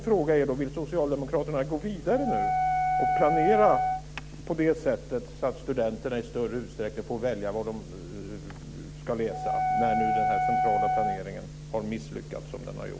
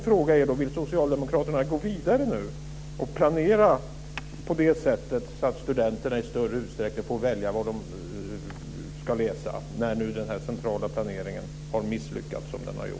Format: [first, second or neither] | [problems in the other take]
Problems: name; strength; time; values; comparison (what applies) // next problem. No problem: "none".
second | background sound (Wind instrument, woodwind instrument); 2 dB above the speech